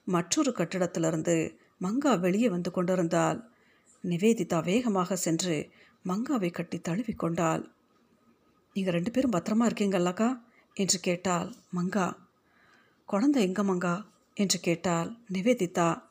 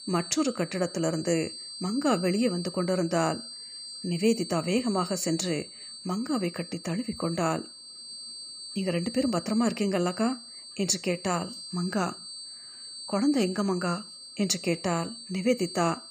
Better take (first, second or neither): first